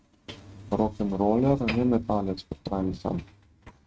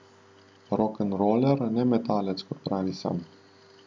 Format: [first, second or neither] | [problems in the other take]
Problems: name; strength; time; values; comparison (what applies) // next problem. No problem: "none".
second | noise reduction (neural mask model RNNoise)